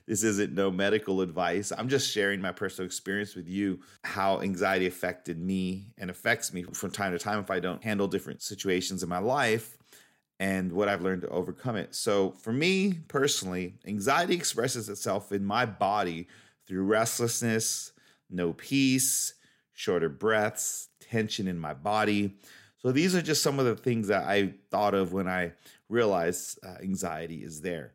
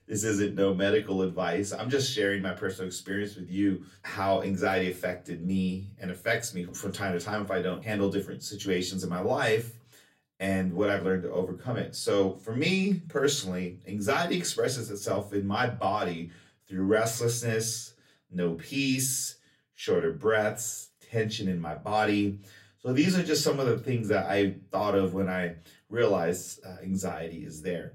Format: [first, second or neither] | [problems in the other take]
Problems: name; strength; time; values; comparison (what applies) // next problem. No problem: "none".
first | off-mic speech; far // room echo; very slight; dies away in 0.2 s